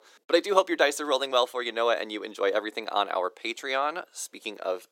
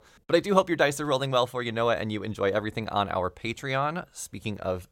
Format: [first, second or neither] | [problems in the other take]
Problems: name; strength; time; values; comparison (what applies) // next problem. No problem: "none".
second | thin; somewhat; fading below 300 Hz